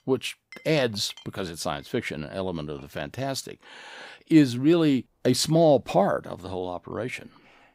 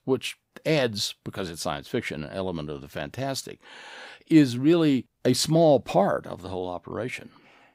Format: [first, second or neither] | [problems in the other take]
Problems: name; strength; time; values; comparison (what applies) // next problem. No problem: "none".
second | household noises; faint; throughout; 30 dB below the speech